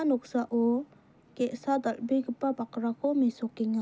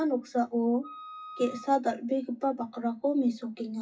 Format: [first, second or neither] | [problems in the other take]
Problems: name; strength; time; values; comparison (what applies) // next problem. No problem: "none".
first | noise reduction (classical method WPE with log-MMSE)